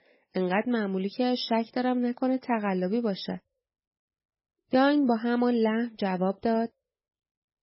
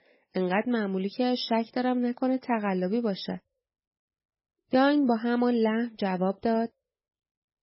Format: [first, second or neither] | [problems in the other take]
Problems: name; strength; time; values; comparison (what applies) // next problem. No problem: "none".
neither | garbled, watery; badly; nothing above 5.5 kHz; the same in both